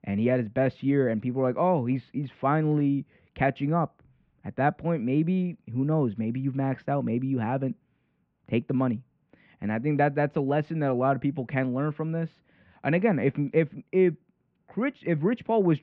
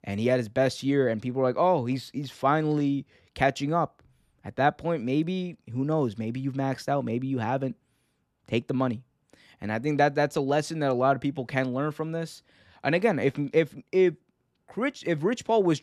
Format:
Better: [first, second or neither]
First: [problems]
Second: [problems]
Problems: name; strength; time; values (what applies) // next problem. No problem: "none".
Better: second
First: muffled; very; fading above 2.5 kHz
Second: none